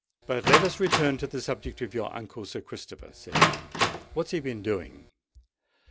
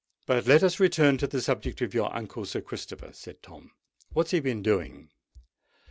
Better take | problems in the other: second | background sound (Door); 3 dB above the speech

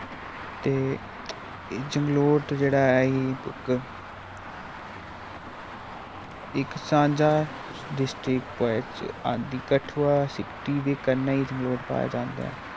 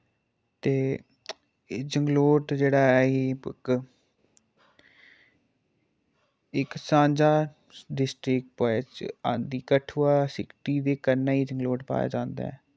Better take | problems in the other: second | background sound (Traffic noise, roadway noise); 12 dB below the speech

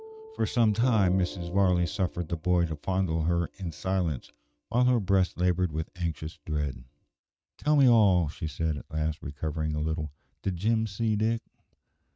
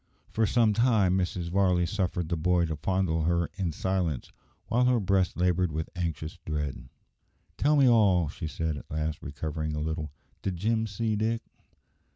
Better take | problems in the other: second | noise reduction (neural mask model RNNoise)

